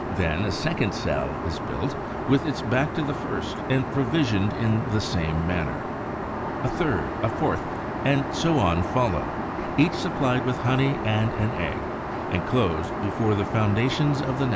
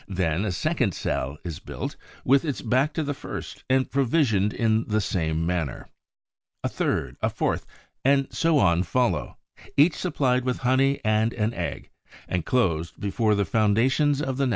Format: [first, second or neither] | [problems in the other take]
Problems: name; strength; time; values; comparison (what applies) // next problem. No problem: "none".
second | background sound (Aircraft); 4 dB below the speech